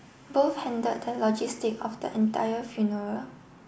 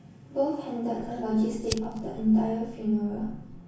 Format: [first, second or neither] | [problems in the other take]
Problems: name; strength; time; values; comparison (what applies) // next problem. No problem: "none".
first | background sound (Fire); 13 dB below the speech // room echo; dies away in 0.6 s